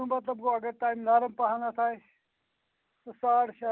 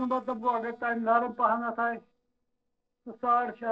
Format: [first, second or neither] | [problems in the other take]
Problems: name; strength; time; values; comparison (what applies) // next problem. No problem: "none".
first | noise reduction (neural separator model SepFormer DNS4)